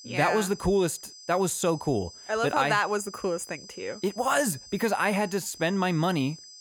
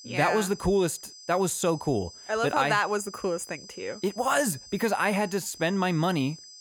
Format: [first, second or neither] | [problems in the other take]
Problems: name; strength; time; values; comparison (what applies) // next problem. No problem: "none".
neither | high-pitched whine; noticeable; throughout; 5 kHz, 15 dB below the speech; the same in both